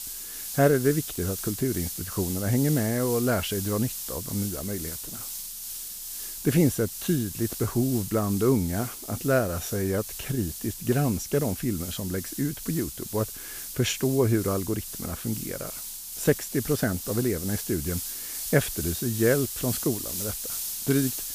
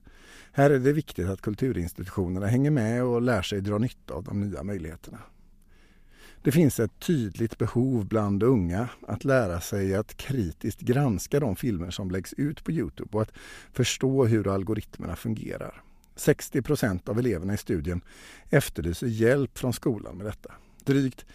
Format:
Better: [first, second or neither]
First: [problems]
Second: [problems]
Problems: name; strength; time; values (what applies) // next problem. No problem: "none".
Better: second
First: hiss; loud; throughout; 6 dB below the speech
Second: none